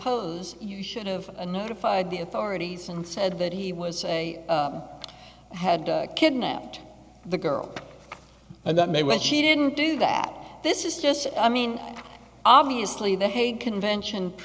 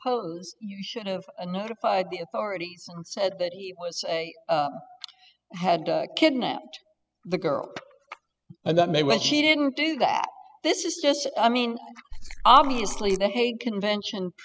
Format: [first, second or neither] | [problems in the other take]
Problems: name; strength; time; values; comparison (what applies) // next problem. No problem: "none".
first | noise reduction (classical method spectral subtraction)